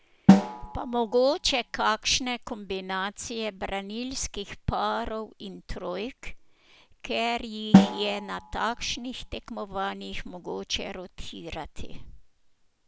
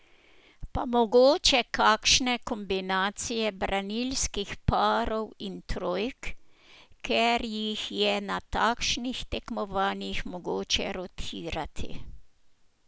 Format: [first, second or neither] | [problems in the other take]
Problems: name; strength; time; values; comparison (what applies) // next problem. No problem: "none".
second | background sound (Snare drum); 4 dB above the speech